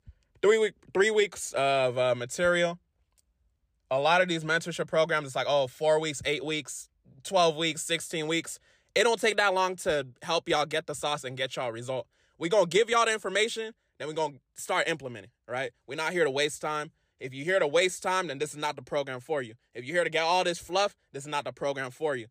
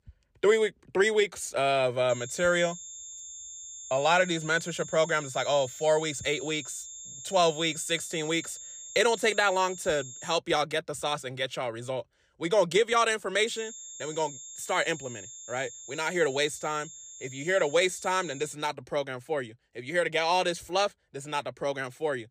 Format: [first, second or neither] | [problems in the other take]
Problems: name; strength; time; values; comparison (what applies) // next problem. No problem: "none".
first | high-pitched whine; noticeable; from 2 to 10 s and from 13 to 19 s; 7.5 kHz, 15 dB below the speech